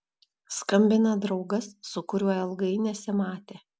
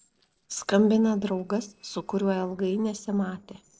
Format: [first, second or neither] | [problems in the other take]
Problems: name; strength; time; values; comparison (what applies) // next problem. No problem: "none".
first | noise reduction (neural separator model SepFormer DNS4)